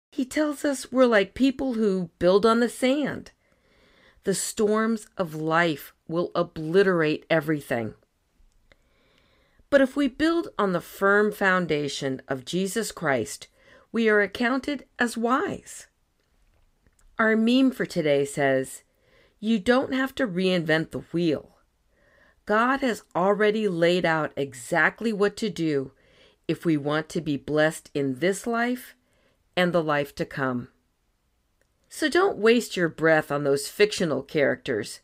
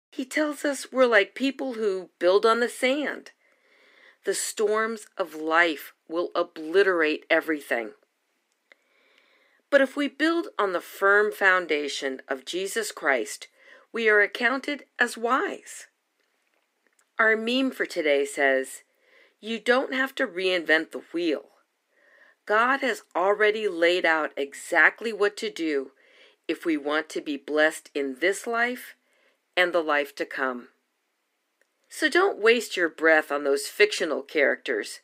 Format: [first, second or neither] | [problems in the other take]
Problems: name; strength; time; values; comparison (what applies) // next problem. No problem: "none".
first | thin; somewhat; fading below 300 Hz